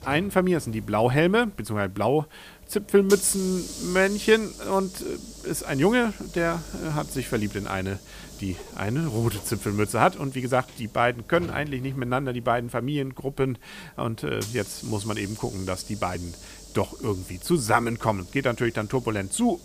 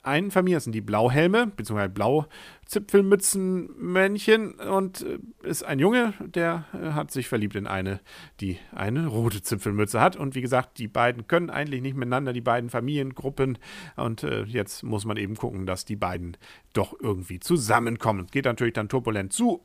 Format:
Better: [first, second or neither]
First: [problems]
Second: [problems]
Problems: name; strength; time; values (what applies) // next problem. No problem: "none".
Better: second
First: hiss; noticeable; throughout; 15 dB below the speech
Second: none